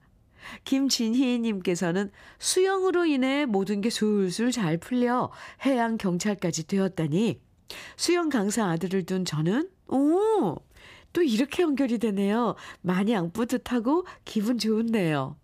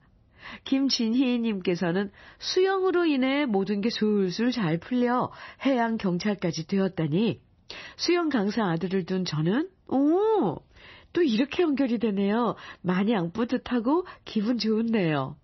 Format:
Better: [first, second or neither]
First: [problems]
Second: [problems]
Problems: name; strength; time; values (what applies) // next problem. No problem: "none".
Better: first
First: none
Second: garbled, watery; slightly; nothing above 6 kHz